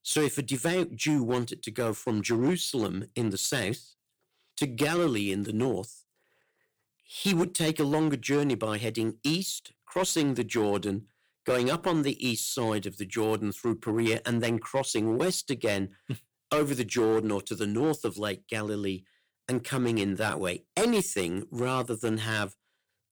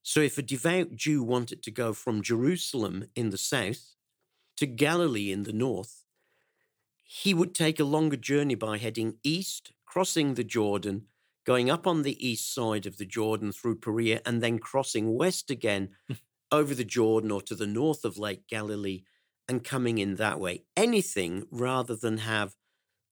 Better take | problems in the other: second | distortion; slight; 5% of the sound clipped

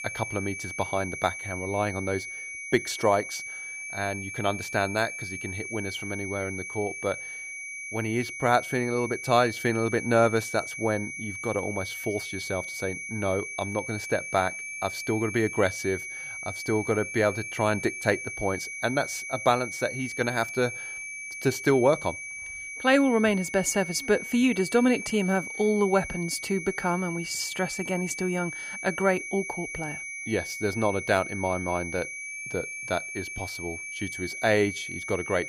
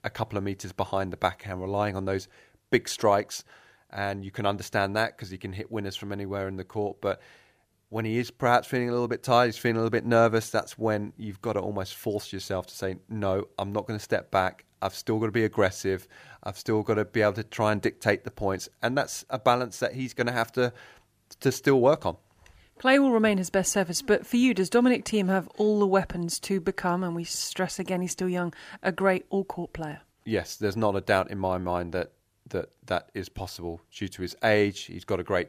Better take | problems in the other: second | high-pitched whine; loud; throughout; 2.5 kHz, 7 dB below the speech

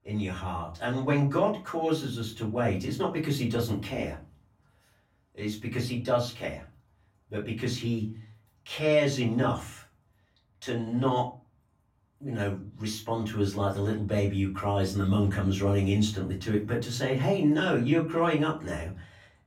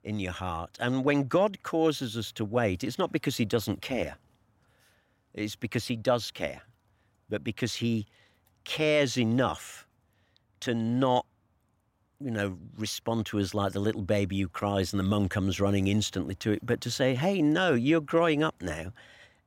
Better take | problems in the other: second | off-mic speech; far // room echo; slight; dies away in 0.3 s

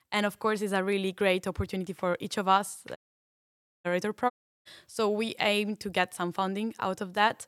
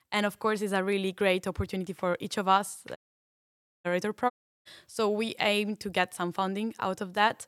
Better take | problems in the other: neither | audio cutting out; at 3 s for 1 s and at 4.5 s; the same in both

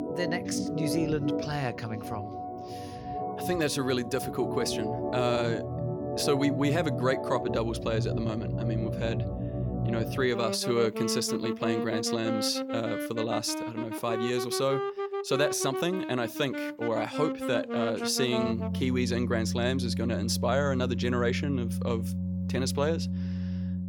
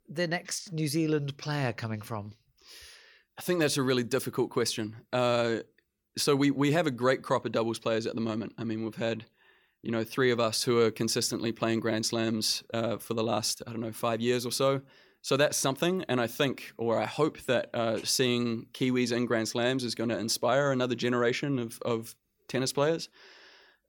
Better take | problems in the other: second | background music; loud; throughout; 3 dB below the speech

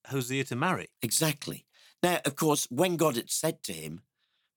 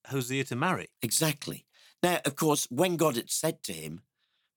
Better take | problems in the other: neither | none

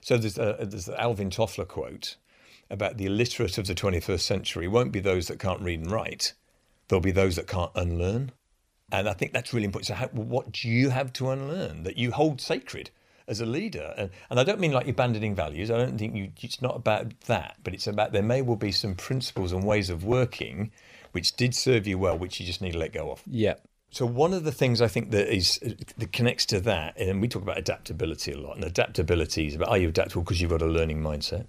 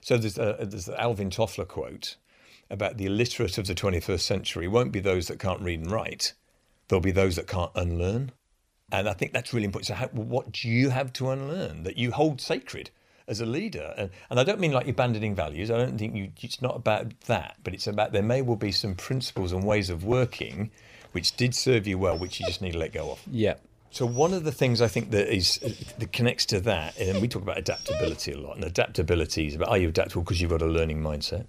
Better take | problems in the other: first | dog barking; noticeable; from 22 to 28 s; peak 4 dB below the speech

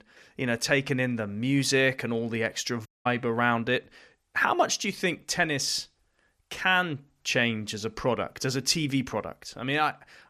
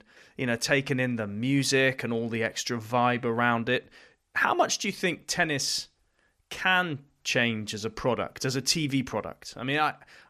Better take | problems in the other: second | audio cutting out; at 3 s

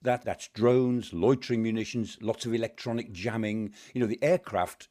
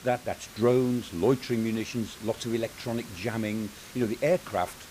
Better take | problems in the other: first | hiss; noticeable; throughout; 15 dB below the speech

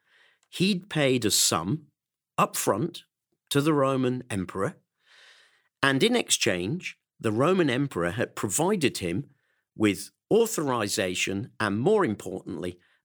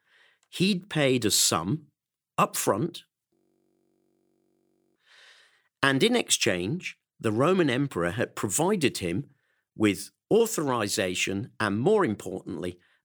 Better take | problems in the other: first | audio freezing; at 3.5 s for 1.5 s

